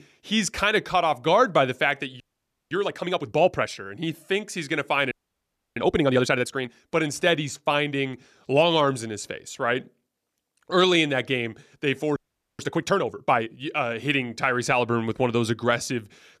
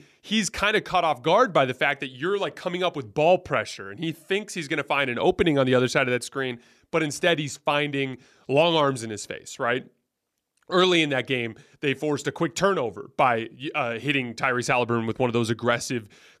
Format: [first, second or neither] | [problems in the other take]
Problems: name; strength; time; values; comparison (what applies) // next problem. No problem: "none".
second | audio freezing; at 2 s for 0.5 s, at 5 s for 0.5 s and at 12 s